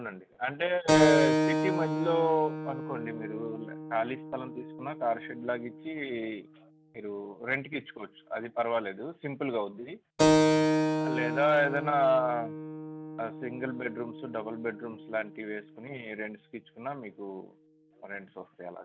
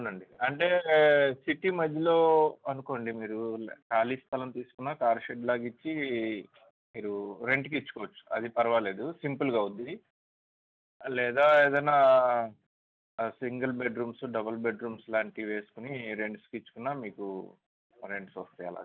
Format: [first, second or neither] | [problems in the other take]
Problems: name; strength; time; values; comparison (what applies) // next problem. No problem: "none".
second | background sound (Keyboard (musical)); as loud as the speech